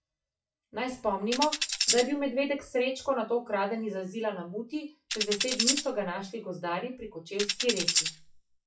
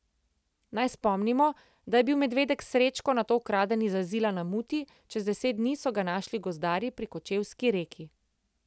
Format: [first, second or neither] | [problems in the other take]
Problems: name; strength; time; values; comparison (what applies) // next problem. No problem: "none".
second | noise reduction (classical method WPE with log-MMSE)